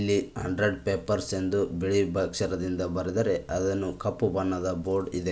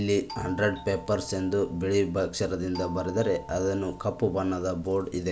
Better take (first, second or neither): first